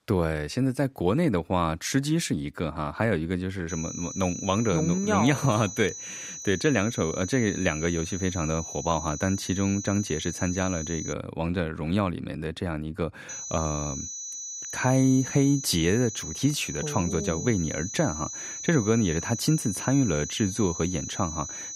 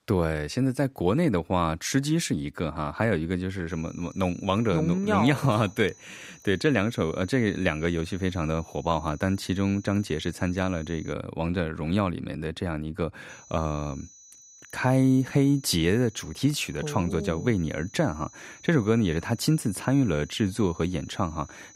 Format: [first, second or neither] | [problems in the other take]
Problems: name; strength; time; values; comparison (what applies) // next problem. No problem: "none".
second | high-pitched whine; loud; from 3.5 to 11 s and from 13 s on; 6 kHz, 8 dB below the speech; faint in the second